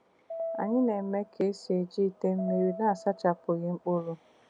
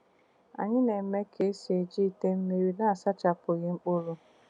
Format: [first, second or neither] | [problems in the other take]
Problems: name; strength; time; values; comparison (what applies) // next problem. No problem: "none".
second | background sound (Piano); 11 dB below the speech